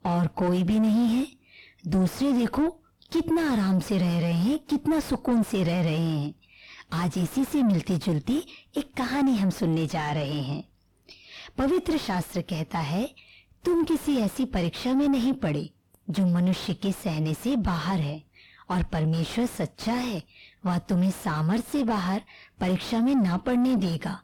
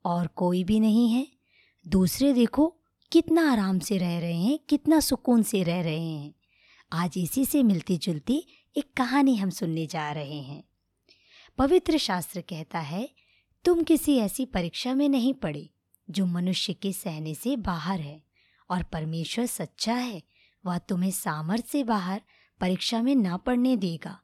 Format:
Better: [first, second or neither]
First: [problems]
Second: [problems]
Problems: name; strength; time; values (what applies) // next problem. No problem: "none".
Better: second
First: distortion; heavy; 6 dB below the speech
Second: none